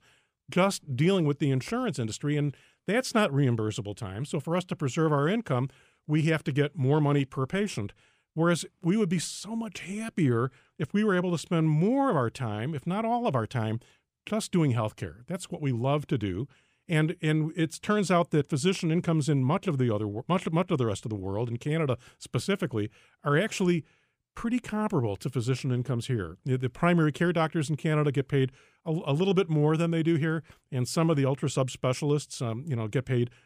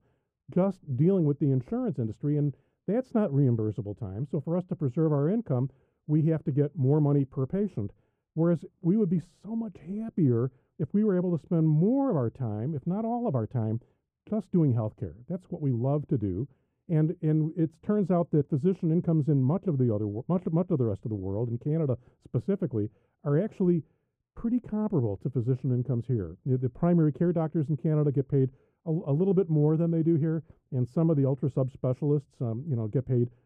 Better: first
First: none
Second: muffled; very; fading above 1.5 kHz

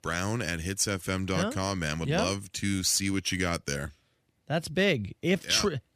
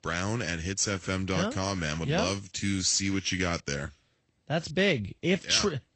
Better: first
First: none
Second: garbled, watery; slightly; nothing above 8 kHz

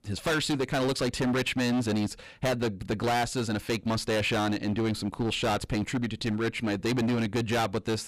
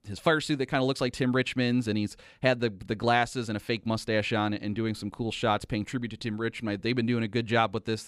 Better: second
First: distortion; heavy; 22% of the sound clipped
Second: none

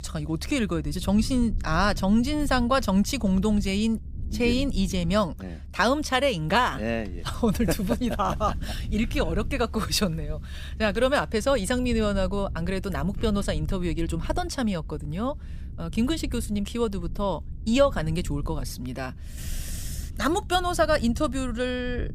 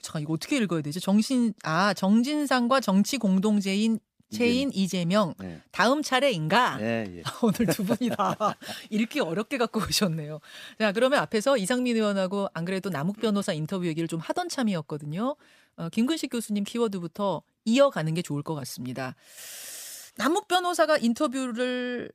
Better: second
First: low rumble; faint; throughout; 25 dB below the speech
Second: none

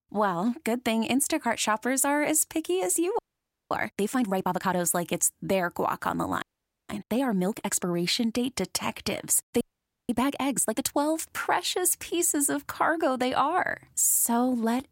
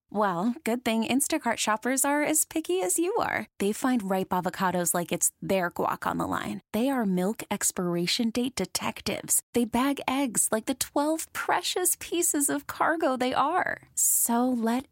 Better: second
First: audio freezing; at 3 s for 0.5 s, at 6.5 s and at 9.5 s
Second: none

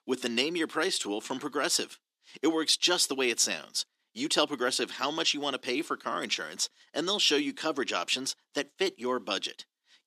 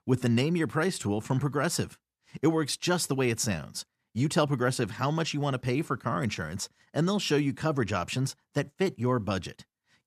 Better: second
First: thin; somewhat; fading below 300 Hz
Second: none

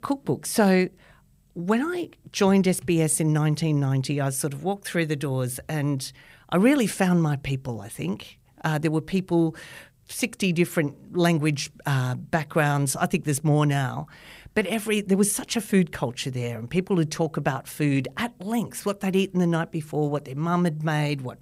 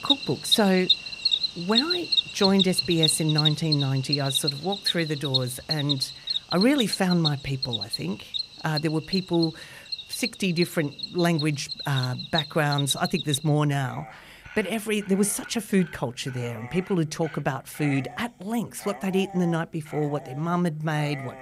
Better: first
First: none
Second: animal sounds; loud; throughout; 1 dB below the speech

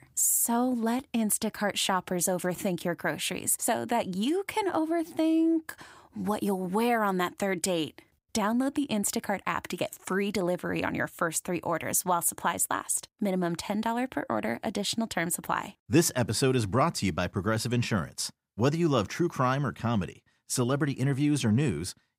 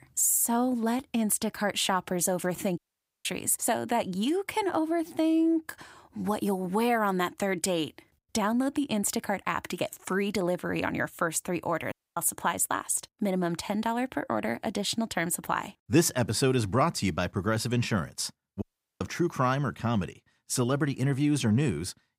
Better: first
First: none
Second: audio cutting out; at 3 s, at 12 s and at 19 s

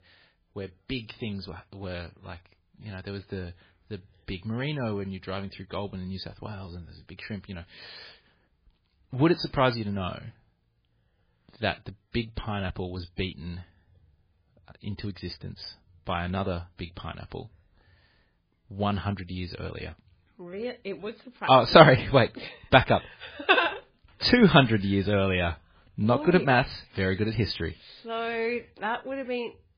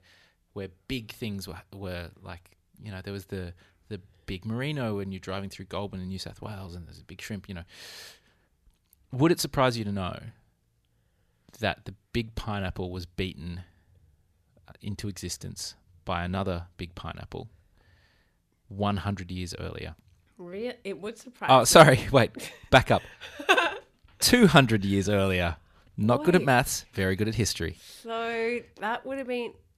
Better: second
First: garbled, watery; badly; nothing above 5 kHz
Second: none

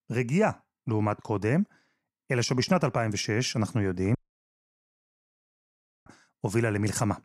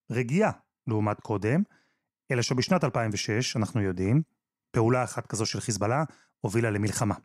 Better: second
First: audio cutting out; at 4 s for 2 s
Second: none

